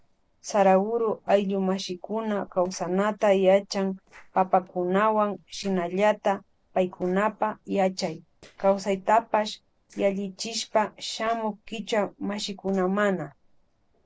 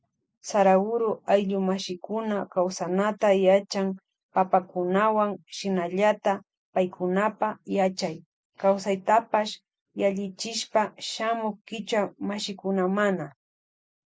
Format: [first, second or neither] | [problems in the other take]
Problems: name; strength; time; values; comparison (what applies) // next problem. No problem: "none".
second | noise reduction (neural separator model SepFormer DNS4)